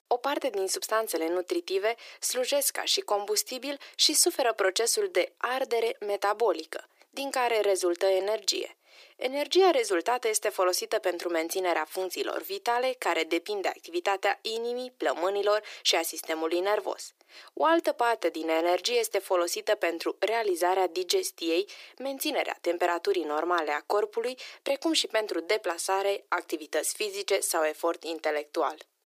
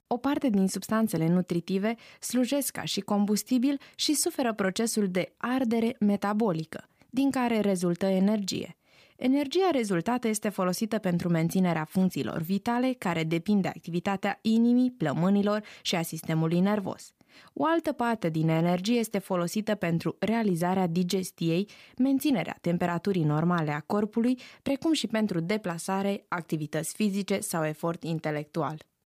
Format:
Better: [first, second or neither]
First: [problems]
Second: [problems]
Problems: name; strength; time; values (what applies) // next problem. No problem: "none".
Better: second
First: thin; very; fading below 350 Hz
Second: none